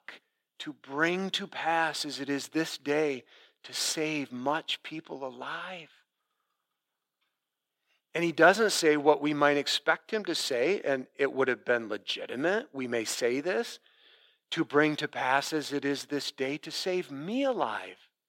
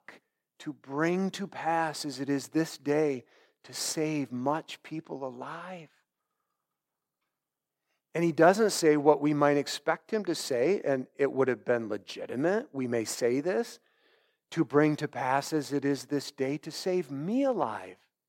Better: second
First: thin; very slightly; fading below 250 Hz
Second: none

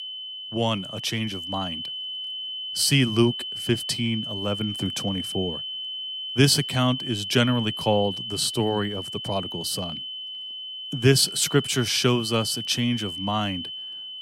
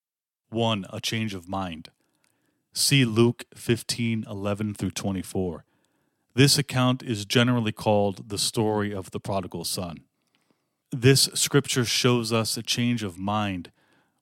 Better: second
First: high-pitched whine; loud; throughout; 3 kHz, 6 dB below the speech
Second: none

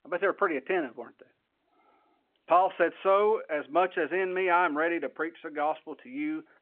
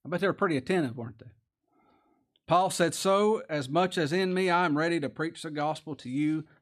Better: second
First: phone-call audio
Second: none

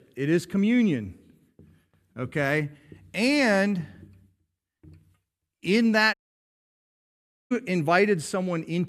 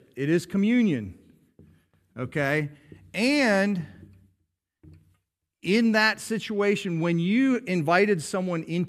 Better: second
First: audio cutting out; at 6 s for 1.5 s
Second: none

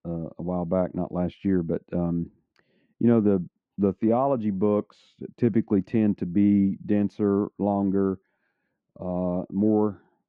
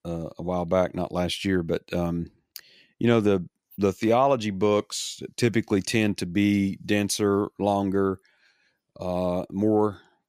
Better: second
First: muffled; very; fading above 1 kHz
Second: none

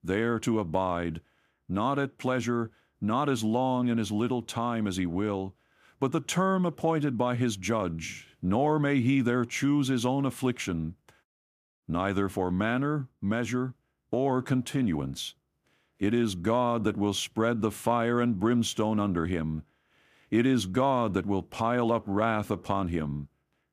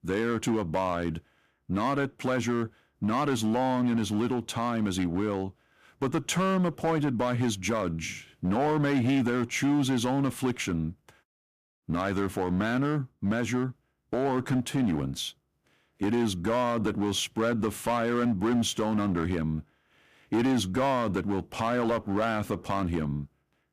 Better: first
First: none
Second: distortion; slight; 8% of the sound clipped

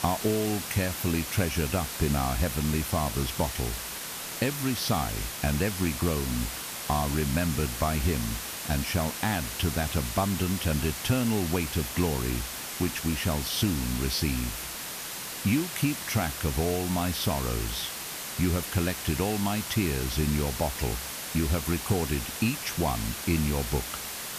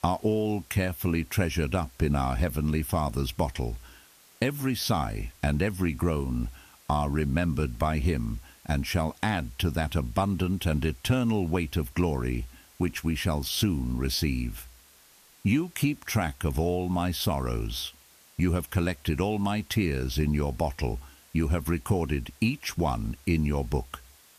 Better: second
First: hiss; loud; throughout; 4 dB below the speech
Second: hiss; faint; throughout; 25 dB below the speech

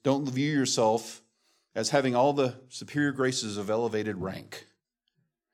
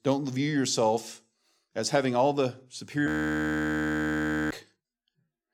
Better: first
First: none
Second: audio freezing; at 3 s for 1.5 s

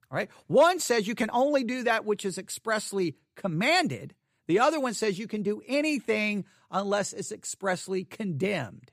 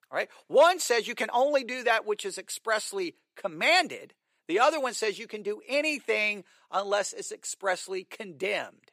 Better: first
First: none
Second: thin; somewhat; fading below 500 Hz

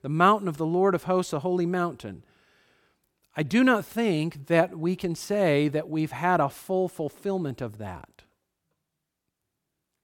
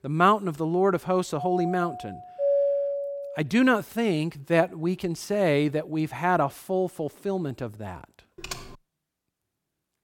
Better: first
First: none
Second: doorbell; loud; from 1.5 to 3.5 s; peak 2 dB above the speech // keyboard typing; faint; at 8.5 s; peak 10 dB below the speech

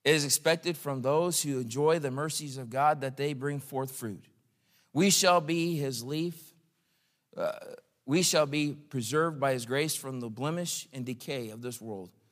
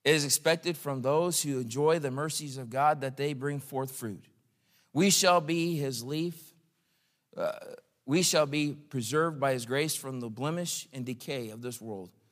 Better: neither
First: none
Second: none

